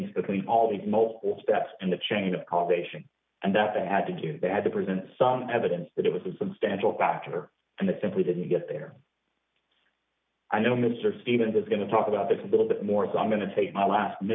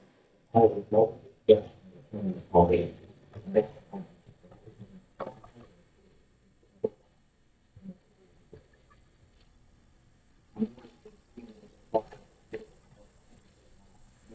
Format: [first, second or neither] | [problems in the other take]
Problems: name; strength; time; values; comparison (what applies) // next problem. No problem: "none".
first | noise reduction (neural mask model DeepFilterNet 3)